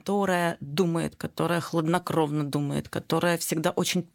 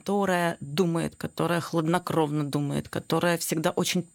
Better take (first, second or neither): first